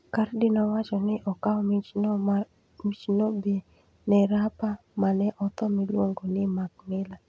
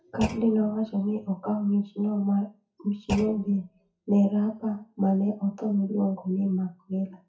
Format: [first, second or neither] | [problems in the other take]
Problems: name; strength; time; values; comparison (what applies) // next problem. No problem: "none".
first | noise reduction (classical method WPE with log-MMSE)